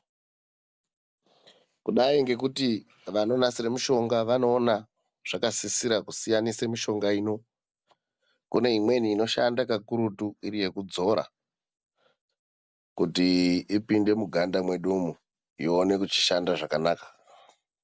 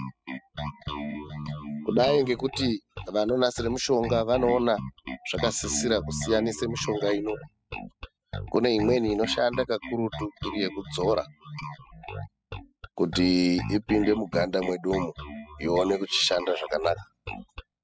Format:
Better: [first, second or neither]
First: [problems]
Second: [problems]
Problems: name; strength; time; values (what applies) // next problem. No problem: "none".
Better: first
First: none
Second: noise reduction (classical method spectral subtraction)